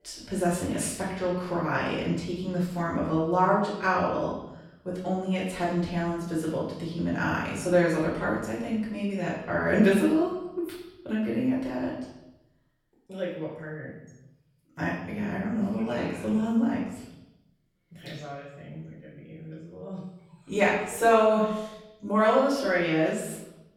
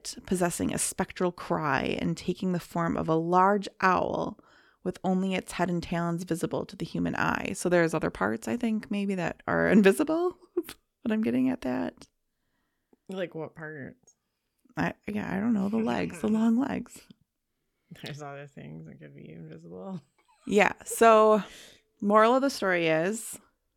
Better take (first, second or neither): second